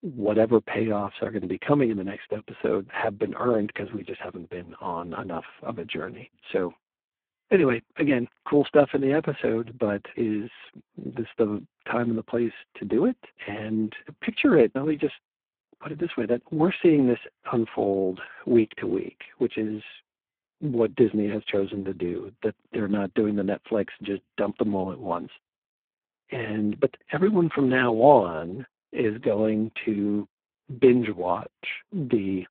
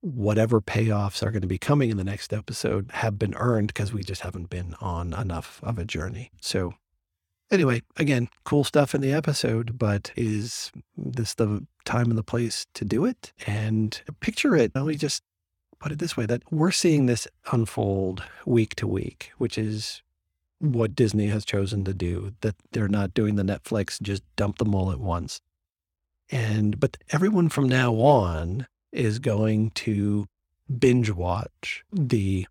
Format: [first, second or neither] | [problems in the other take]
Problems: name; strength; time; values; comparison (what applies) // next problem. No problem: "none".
second | phone-call audio; poor line